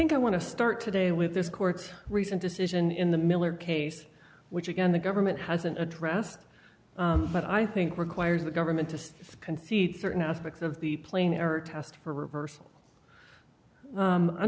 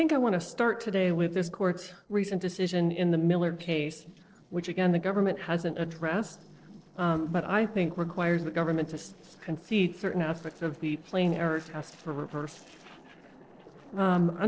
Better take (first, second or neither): first